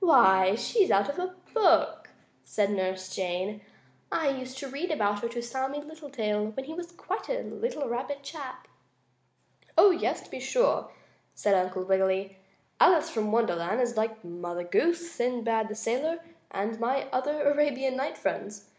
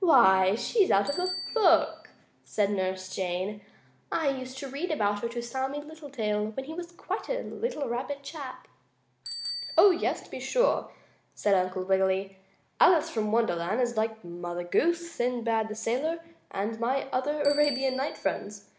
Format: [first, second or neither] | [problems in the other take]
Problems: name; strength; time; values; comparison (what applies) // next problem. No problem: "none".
first | background sound (Bicycle bell); 18 dB below the speech